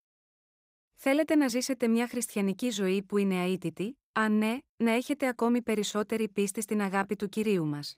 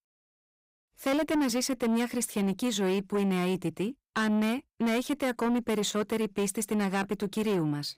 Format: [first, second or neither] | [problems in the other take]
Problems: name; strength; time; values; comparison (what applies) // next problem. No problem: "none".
first | distortion; slight; 10 dB below the speech